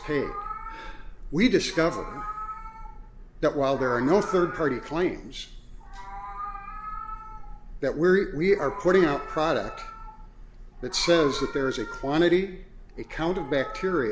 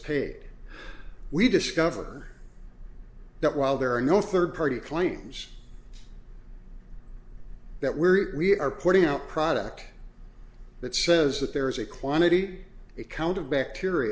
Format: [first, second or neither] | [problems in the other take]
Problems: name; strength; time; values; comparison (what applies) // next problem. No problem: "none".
second | background sound (Meow); 13 dB below the speech